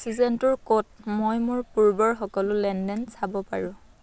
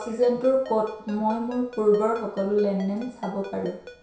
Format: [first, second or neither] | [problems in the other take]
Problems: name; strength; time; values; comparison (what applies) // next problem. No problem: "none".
first | background sound (Ringtone); 20 dB below the speech // room echo; dies away in 0.6 s